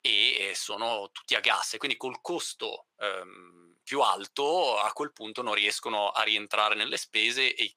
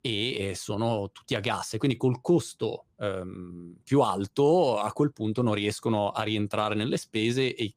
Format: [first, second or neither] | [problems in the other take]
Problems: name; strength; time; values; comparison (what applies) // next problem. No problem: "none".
second | thin; very; fading below 700 Hz